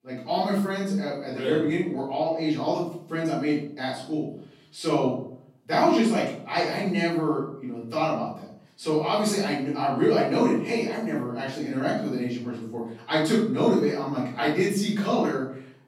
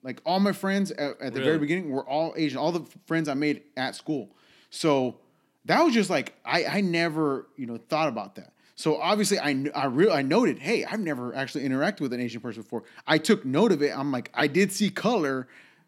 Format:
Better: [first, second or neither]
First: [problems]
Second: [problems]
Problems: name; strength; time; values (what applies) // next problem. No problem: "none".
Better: second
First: off-mic speech; far // room echo; noticeable; dies away in 0.5 s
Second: none